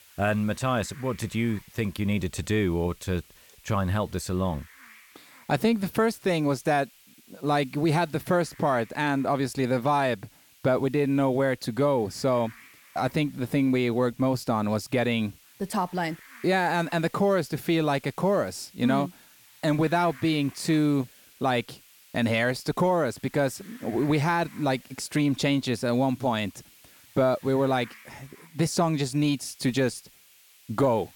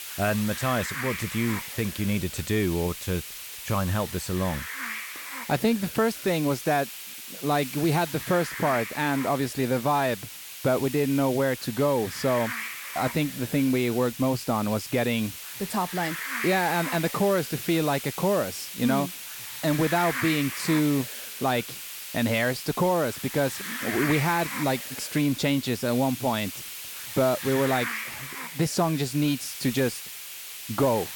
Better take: first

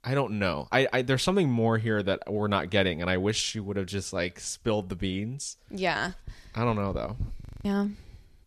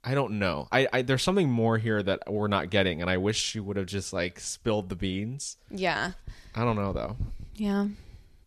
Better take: second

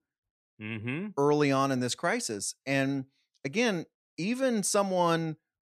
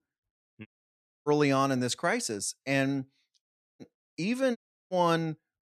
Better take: first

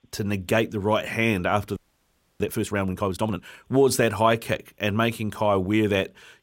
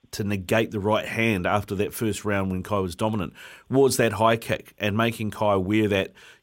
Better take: second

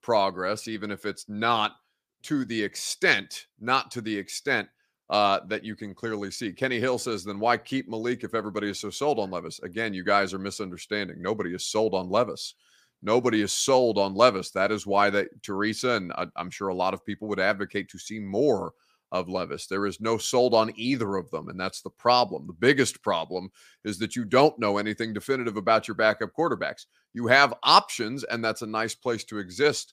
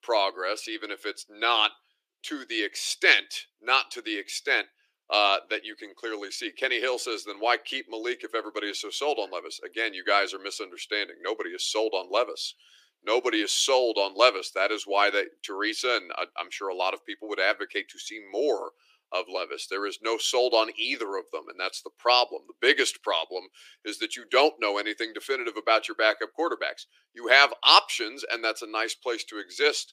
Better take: first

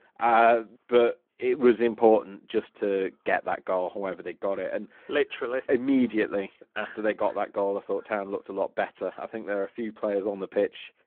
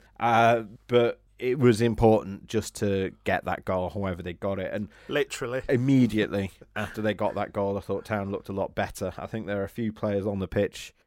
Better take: second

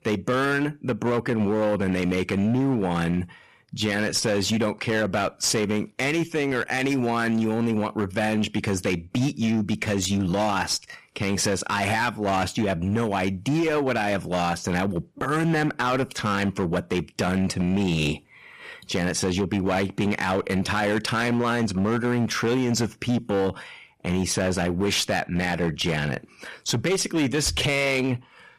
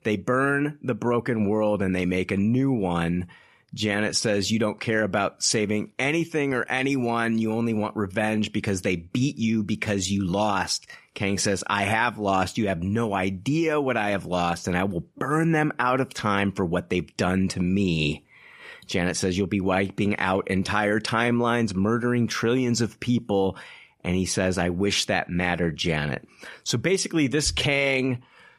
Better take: second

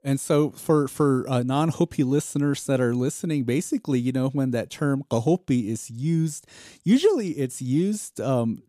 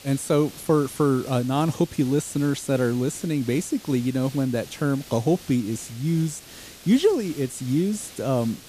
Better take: first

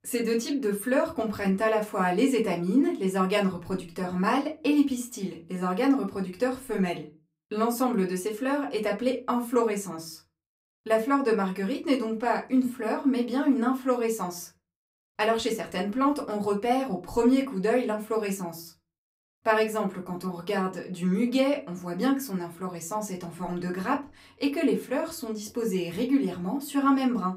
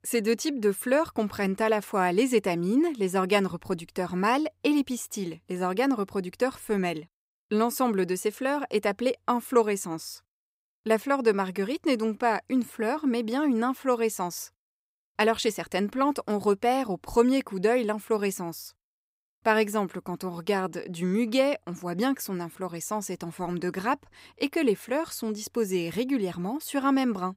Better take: second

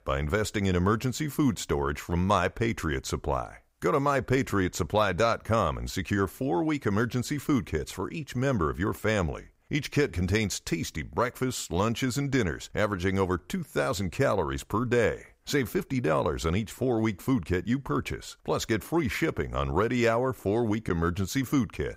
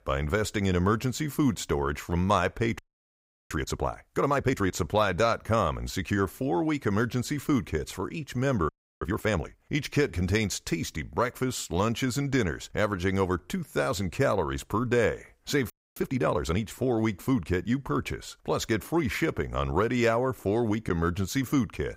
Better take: first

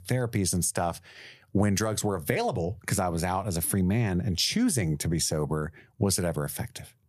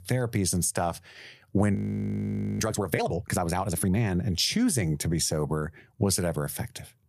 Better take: first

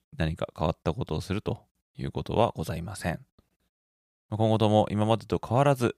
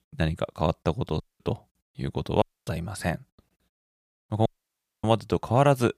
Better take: first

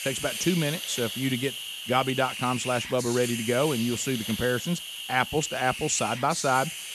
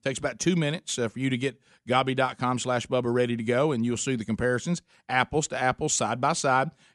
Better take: second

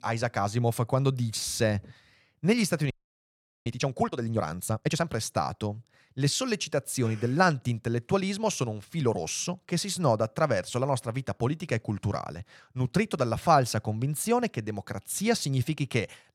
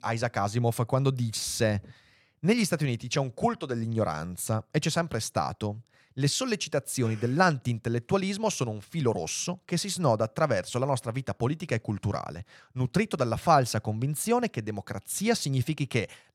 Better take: second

